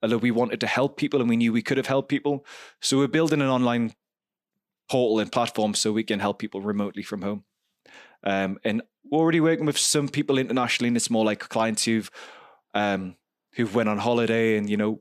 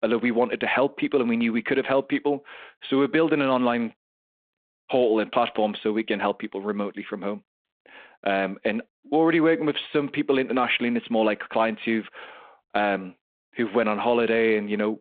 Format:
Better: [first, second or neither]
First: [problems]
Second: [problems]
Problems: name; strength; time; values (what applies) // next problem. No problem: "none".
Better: first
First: none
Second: phone-call audio; nothing above 3.5 kHz